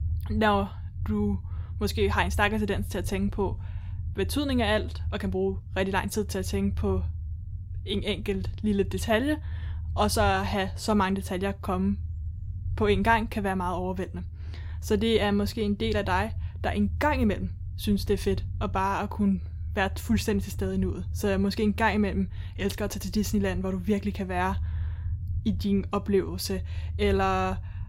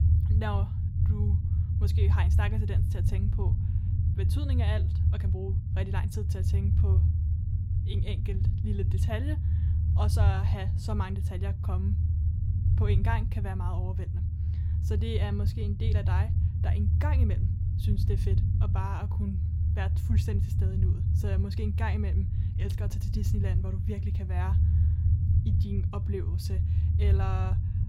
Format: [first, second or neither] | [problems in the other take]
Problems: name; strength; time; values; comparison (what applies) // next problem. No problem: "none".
first | low rumble; loud; throughout; 3 dB below the speech; faint in the first